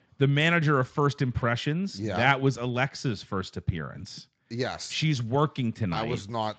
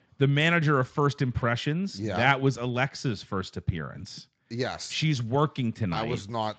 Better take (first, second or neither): neither